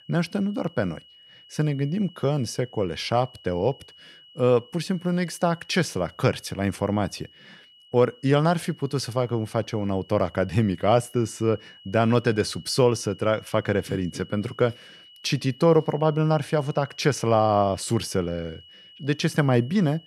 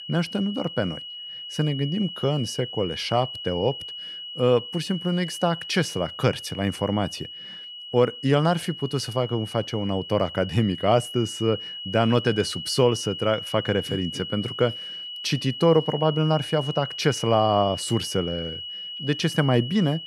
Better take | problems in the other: first | high-pitched whine; loud; throughout; 3 kHz, 9 dB below the speech; faint in the first

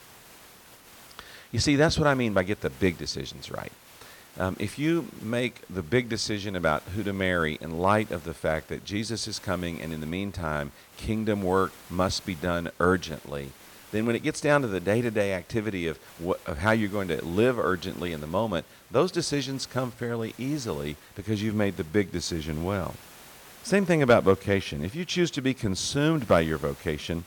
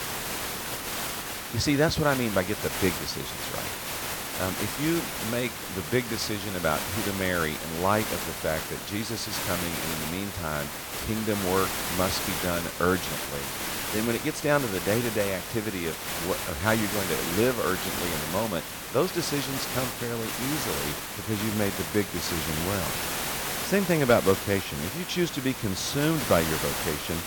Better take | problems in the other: first | hiss; loud; throughout; 2 dB below the speech; faint in the first

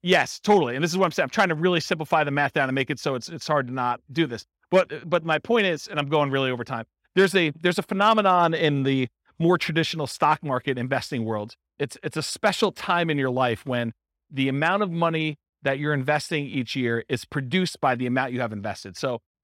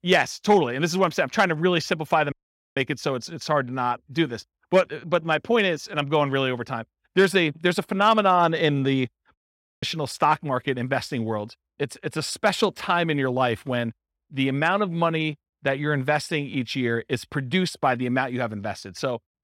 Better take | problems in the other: first | audio cutting out; at 2.5 s and at 9.5 s

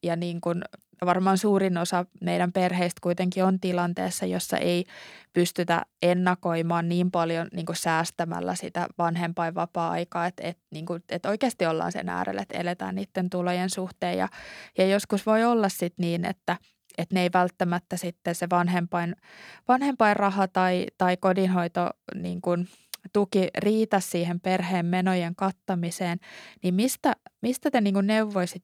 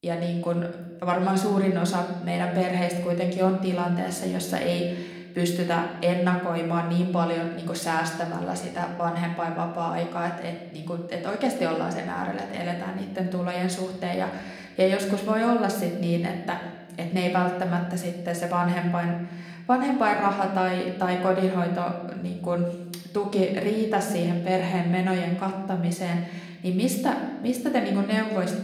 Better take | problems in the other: first | room echo; slight; dies away in 1 s // off-mic speech; somewhat distant

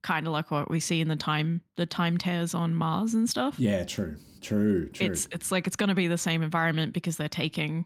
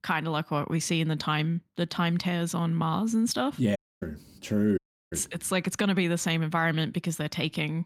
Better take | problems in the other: first | audio cutting out; at 4 s and at 5 s

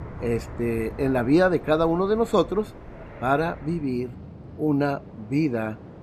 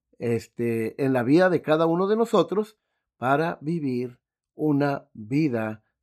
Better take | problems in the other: second | train or aircraft noise; noticeable; throughout; 15 dB below the speech

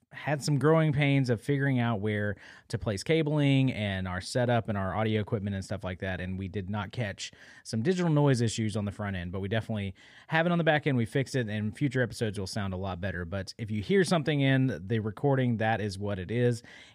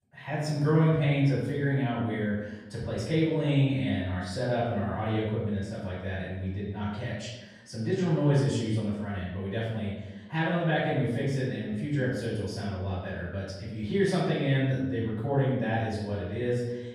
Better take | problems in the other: first | off-mic speech; far // room echo; noticeable; dies away in 0.9 s

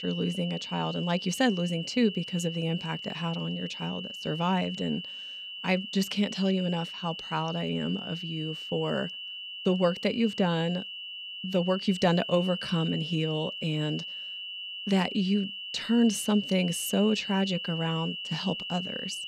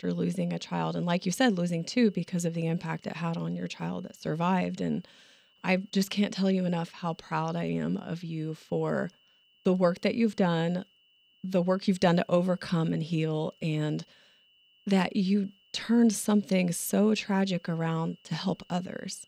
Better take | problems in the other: second | high-pitched whine; loud; throughout; 3 kHz, 7 dB below the speech; faint in the second

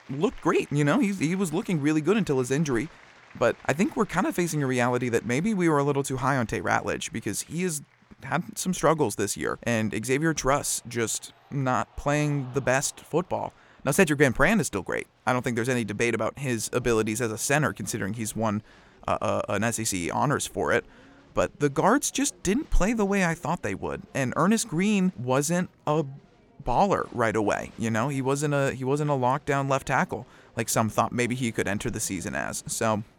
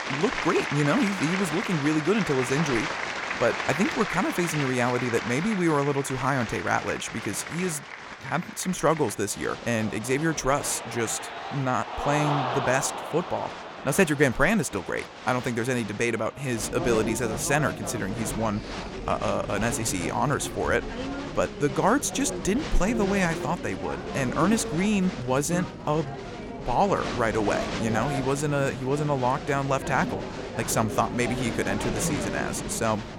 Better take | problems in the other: first | crowd noise; loud; throughout; 6 dB below the speech; faint in the first

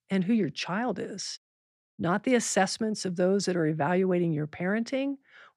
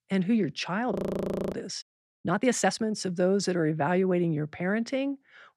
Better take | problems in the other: first | audio freezing; at 1 s for 0.5 s

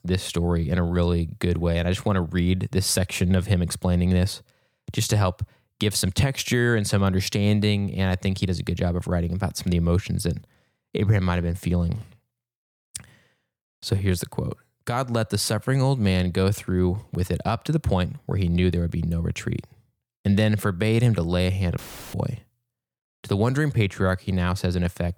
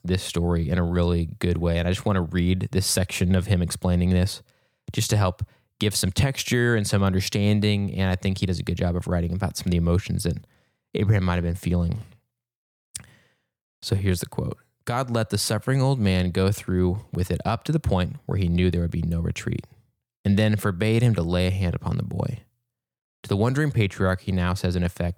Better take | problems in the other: second | audio cutting out; filled with static; at 22 s

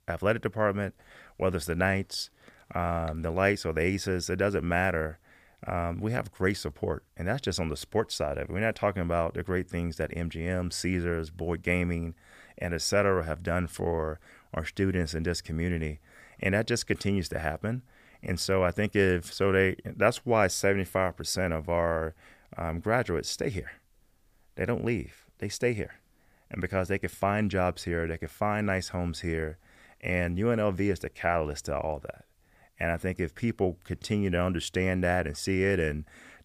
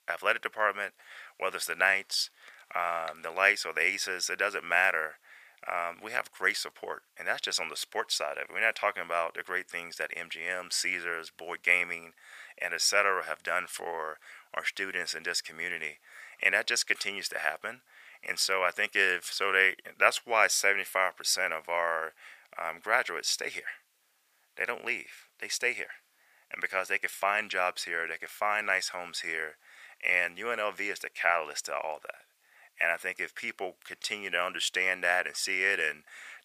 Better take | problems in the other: first | thin; very; fading below 950 Hz

